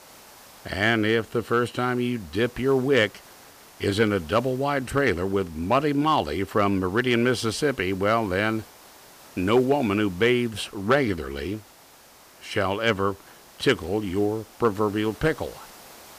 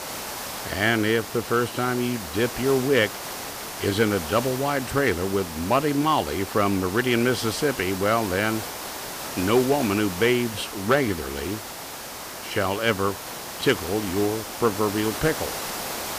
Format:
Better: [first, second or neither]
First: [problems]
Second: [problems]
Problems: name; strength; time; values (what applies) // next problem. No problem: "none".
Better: first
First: hiss; faint; throughout; 25 dB below the speech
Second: hiss; loud; throughout; 8 dB below the speech